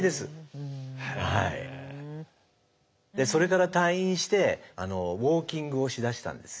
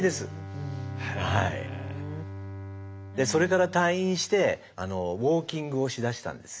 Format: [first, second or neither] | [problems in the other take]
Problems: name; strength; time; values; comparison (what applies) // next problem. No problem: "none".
first | background sound (Bowed string instrument); 12 dB below the speech